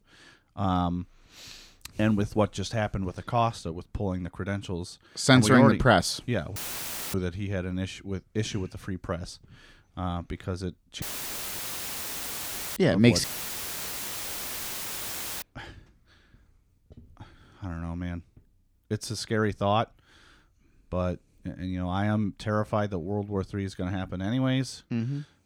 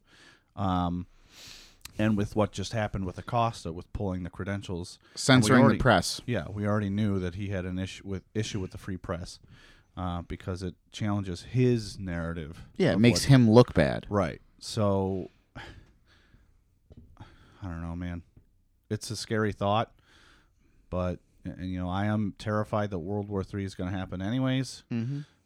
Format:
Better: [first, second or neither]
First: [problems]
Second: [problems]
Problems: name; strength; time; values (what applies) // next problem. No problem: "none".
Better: second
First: audio cutting out; filled with static; at 6.5 s for 0.5 s, at 11 s for 2 s and at 13 s for 2 s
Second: none